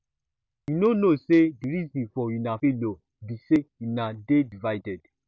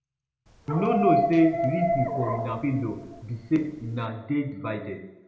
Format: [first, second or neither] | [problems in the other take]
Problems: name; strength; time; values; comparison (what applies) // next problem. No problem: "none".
first | background sound (Dog); 2 dB below the speech // room echo; dies away in 0.8 s